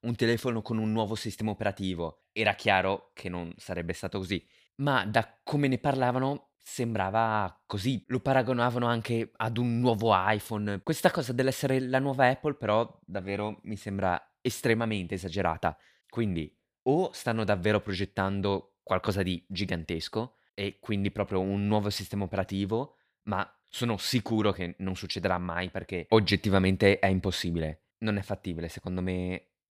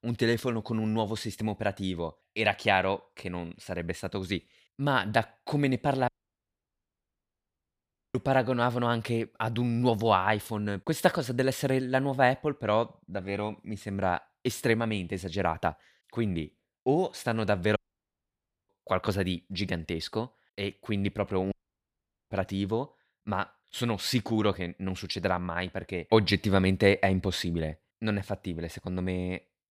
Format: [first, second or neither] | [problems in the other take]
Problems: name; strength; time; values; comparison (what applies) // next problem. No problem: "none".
first | audio cutting out; at 6 s for 2 s, at 18 s for 1 s and at 22 s for 1 s